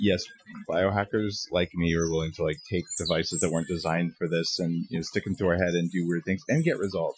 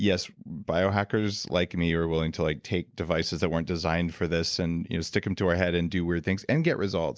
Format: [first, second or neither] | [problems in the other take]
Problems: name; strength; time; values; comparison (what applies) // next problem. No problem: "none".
second | noise reduction (classical method Wiener filter)